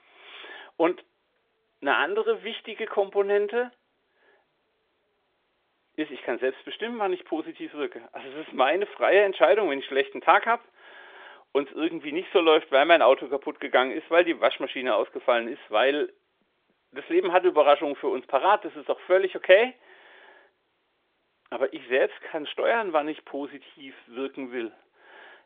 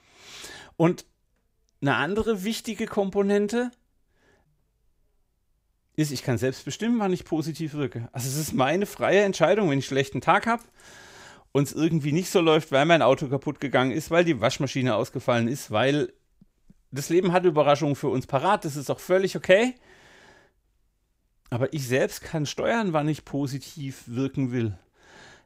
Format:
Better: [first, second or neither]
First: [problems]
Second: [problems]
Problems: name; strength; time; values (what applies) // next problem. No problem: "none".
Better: second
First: phone-call audio; nothing above 3.5 kHz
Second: none